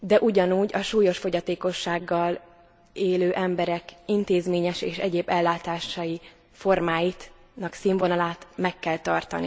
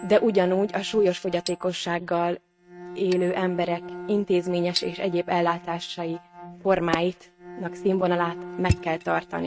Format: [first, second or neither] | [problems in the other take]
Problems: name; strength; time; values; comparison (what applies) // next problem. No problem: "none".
first | noise reduction (neural mask model RNNoise)